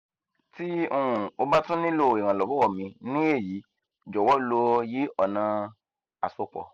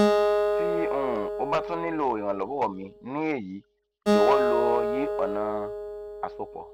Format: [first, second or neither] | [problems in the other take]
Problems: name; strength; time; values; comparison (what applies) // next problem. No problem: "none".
first | background sound (Acoustic guitar); 3 dB above the speech